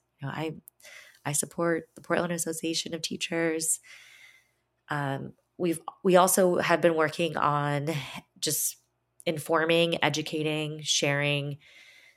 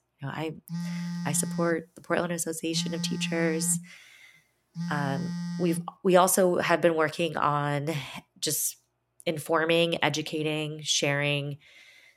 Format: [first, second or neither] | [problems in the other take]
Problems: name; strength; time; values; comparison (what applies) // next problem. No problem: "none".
first | phone ringing; noticeable; from 0.5 to 6 s; peak 6 dB below the speech